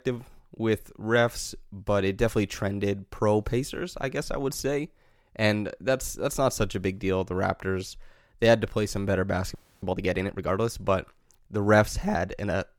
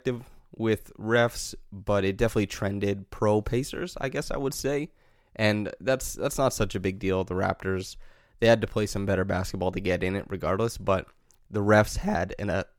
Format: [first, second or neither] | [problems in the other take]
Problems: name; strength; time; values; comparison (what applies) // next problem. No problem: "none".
second | audio freezing; at 9.5 s